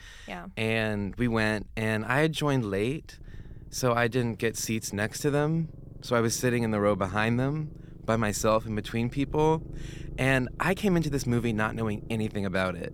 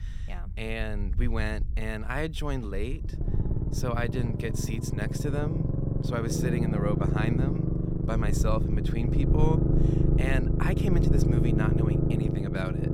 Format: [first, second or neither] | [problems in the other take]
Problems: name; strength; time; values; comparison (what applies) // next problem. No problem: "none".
first | low rumble; loud; throughout; as loud as the speech; faint in the first